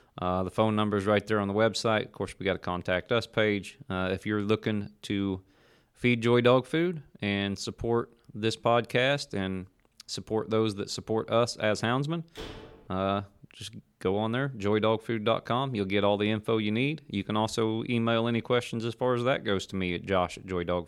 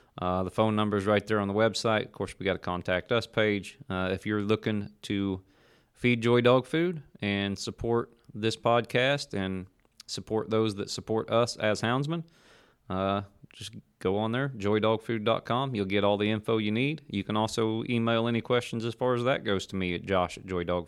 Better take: second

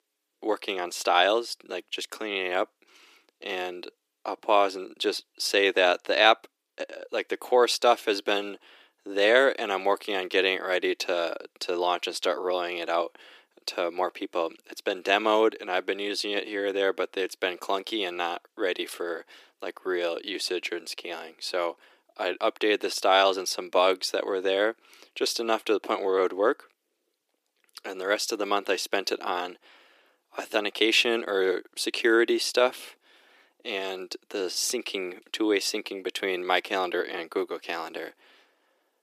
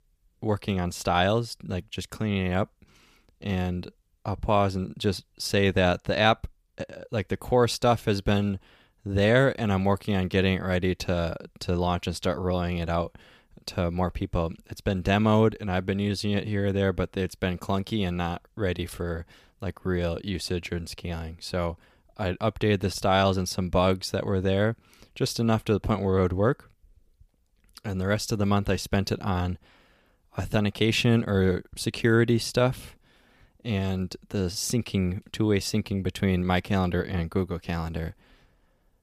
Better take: second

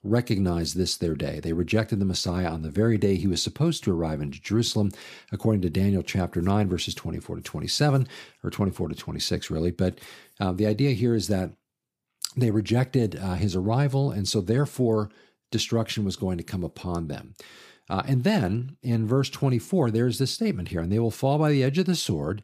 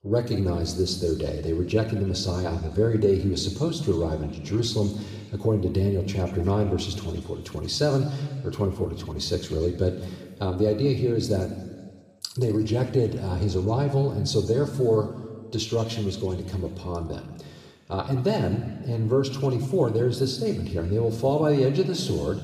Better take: first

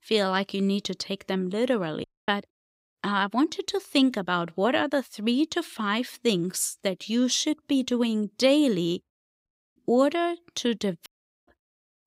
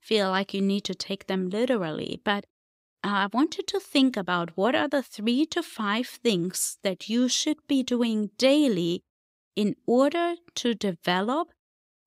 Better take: second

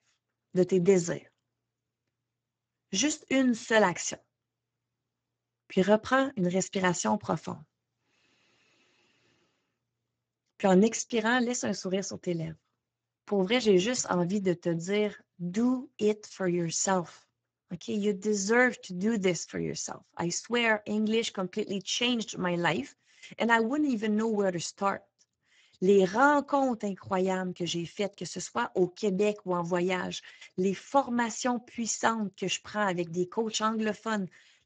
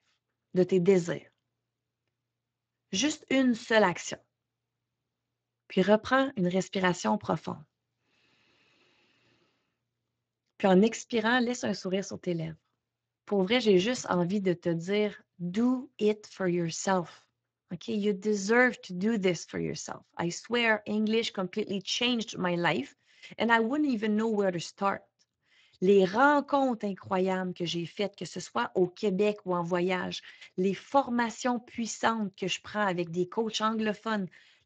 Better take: second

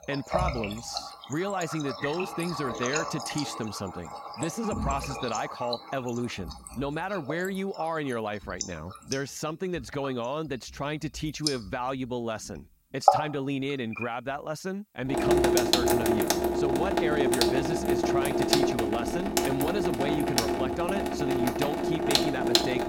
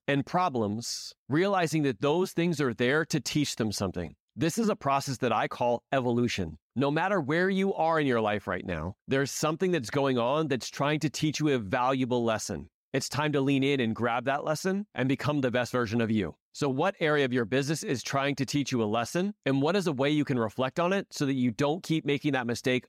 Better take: second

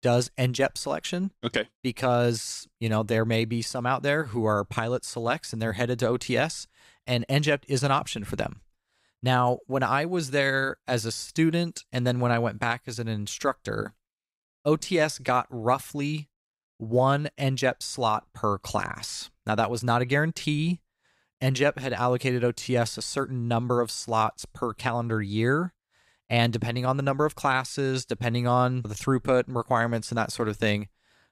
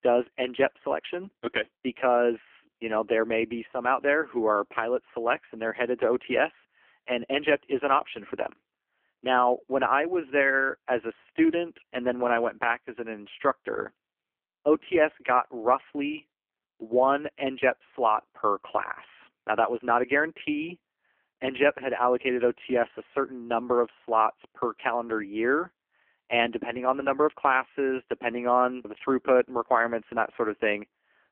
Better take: first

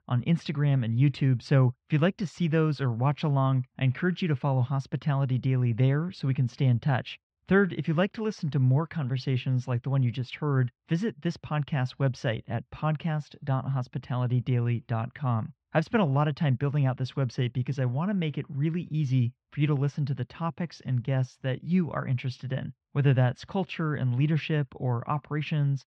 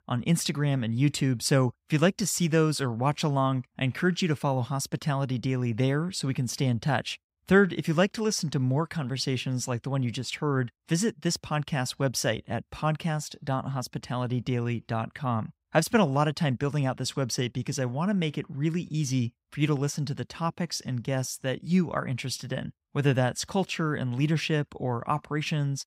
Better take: second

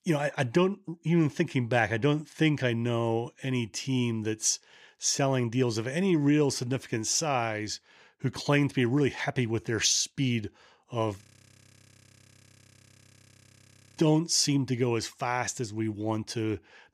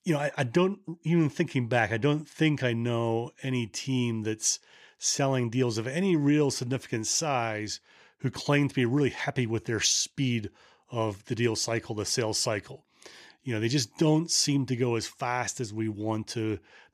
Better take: second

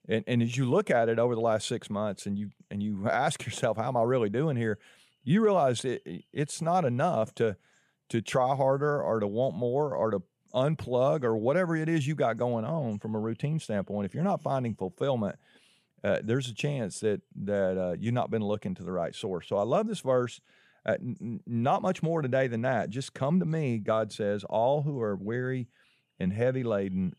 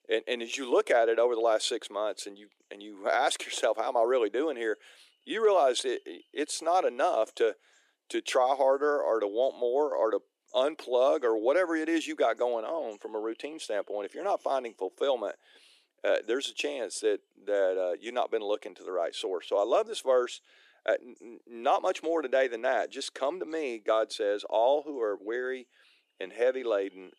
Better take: first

